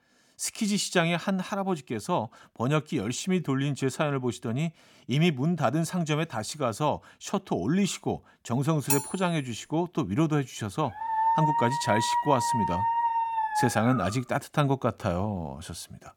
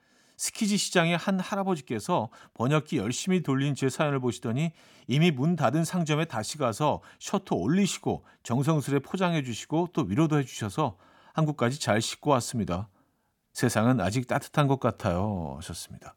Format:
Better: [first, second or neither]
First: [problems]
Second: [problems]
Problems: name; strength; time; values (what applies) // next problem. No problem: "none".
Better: second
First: clattering dishes; loud; at 9 s; peak 1 dB above the speech // dog barking; loud; from 11 to 14 s; peak 4 dB above the speech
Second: none